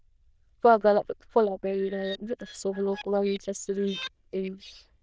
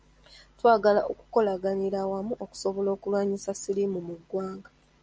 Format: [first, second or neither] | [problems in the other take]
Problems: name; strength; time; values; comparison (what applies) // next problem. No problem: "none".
second | noise reduction (neural diffusion model UNIVERSE++)